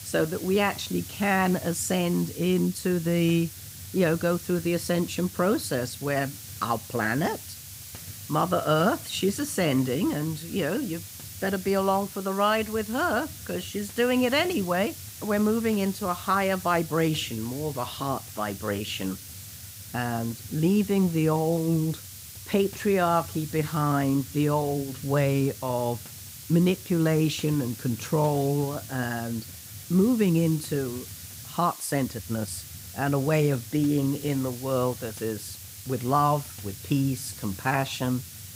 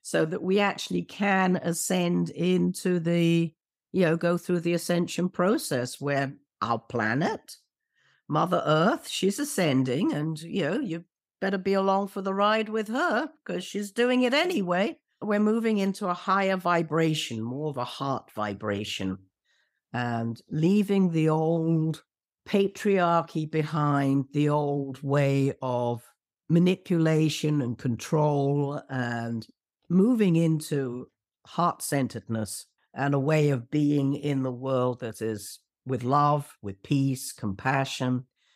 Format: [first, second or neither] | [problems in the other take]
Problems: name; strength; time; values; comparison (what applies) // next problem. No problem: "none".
second | hiss; noticeable; throughout; 15 dB below the speech